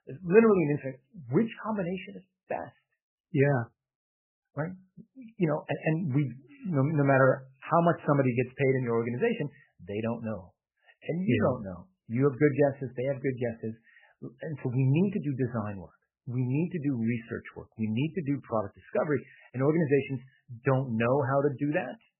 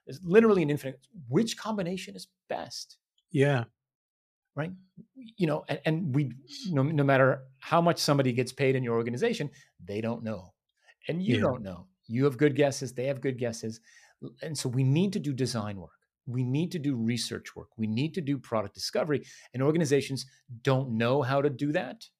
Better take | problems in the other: second | garbled, watery; badly; nothing above 3 kHz

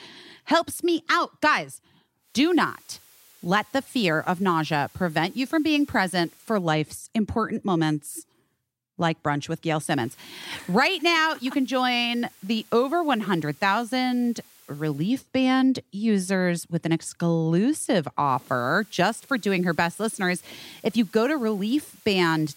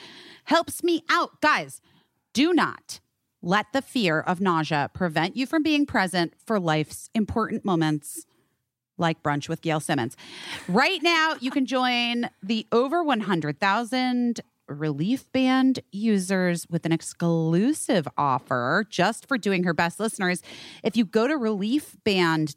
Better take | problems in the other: second | hiss; faint; from 2.5 to 6.5 s, from 10 to 15 s and from 18 s on; 25 dB below the speech

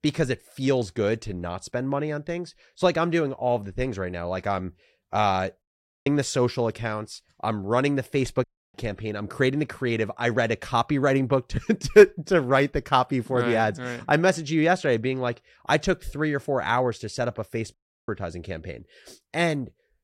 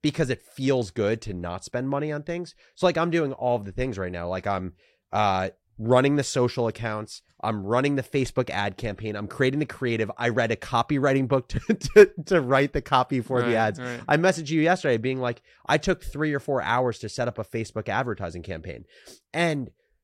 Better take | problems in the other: second | audio cutting out; at 5.5 s, at 8.5 s and at 18 s

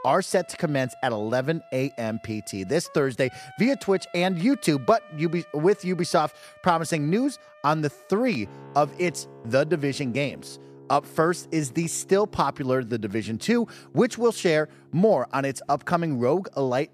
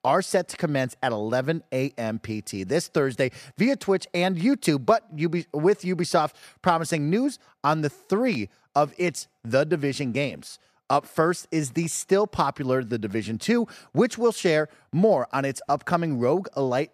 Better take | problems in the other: second | background music; faint; throughout; 25 dB below the speech

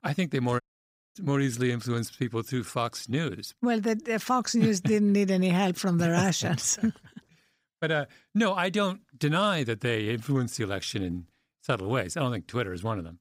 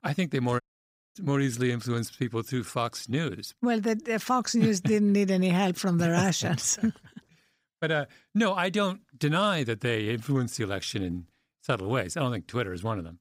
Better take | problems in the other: neither | audio cutting out; at 0.5 s for 0.5 s; the same in both

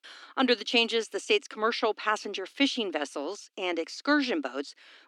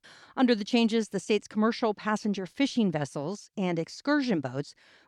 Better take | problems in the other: second | thin; very slightly; fading below 250 Hz

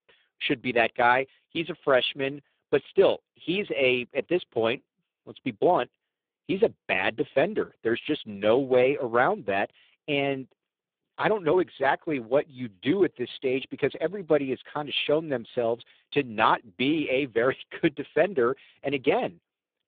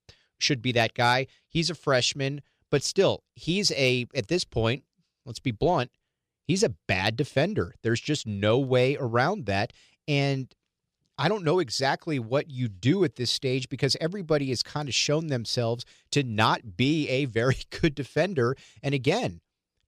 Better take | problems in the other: second | phone-call audio; poor line

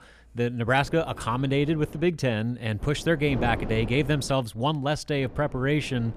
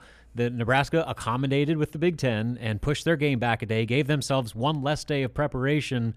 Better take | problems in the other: second | wind noise on the microphone; occasional gusts; from 1 to 2 s, from 3 to 4.5 s and from 5 s on; 15 dB below the speech

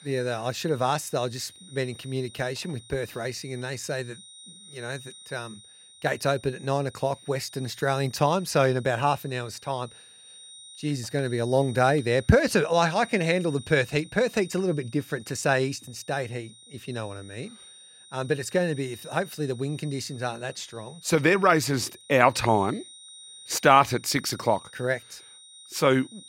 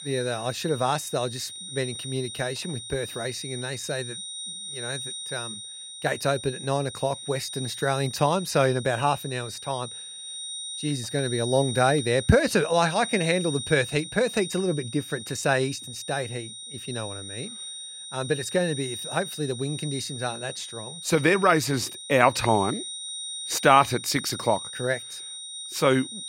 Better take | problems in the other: first | high-pitched whine; loud; throughout; 4 kHz, 9 dB below the speech; faint in the first

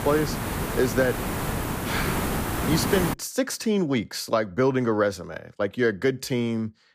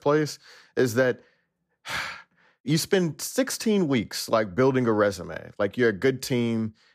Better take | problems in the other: second | hiss; loud; until 3 s; 2 dB below the speech

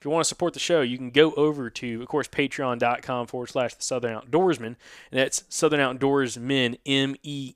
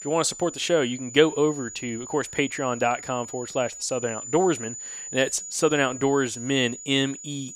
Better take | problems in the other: first | high-pitched whine; noticeable; throughout; 7 kHz, 10 dB below the speech

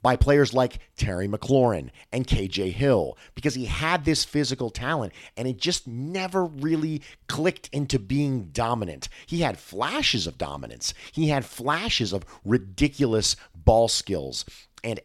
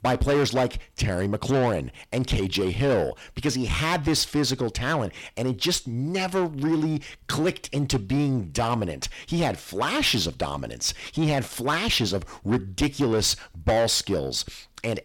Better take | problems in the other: first | distortion; heavy; 8 dB below the speech

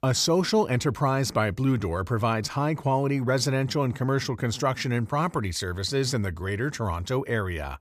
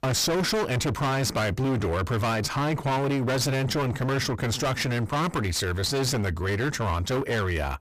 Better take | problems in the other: first | distortion; heavy; 35% of the sound clipped

